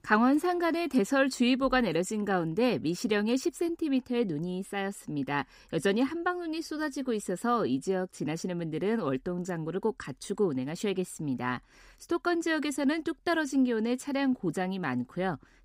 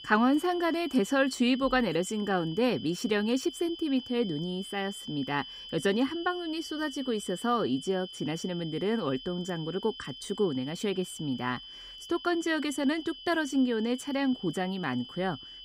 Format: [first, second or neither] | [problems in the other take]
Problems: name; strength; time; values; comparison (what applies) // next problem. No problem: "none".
first | high-pitched whine; noticeable; throughout; 3 kHz, 15 dB below the speech